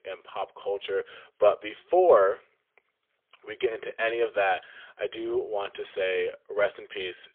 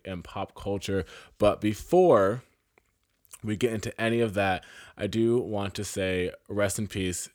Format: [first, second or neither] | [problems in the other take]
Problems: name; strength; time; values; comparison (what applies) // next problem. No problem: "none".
second | phone-call audio; poor line; nothing above 3.5 kHz